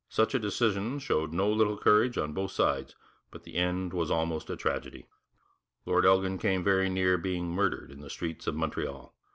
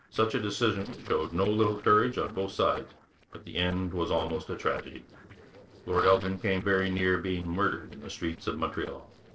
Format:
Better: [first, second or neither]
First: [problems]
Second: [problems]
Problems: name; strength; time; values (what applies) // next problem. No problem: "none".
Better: first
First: none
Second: noise reduction (neural separator model SepFormer DNS4)